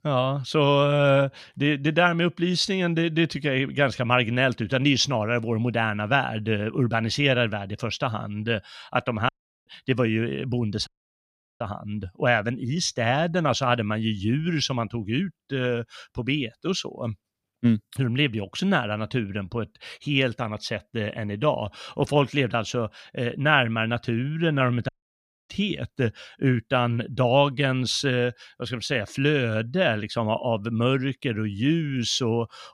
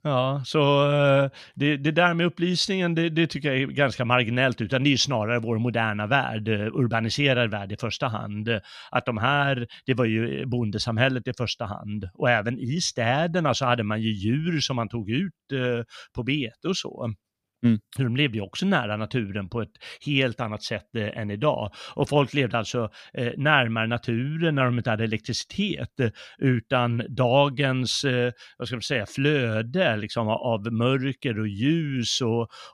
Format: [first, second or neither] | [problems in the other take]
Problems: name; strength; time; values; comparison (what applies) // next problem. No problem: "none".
second | audio cutting out; at 9.5 s, at 11 s for 0.5 s and at 25 s for 0.5 s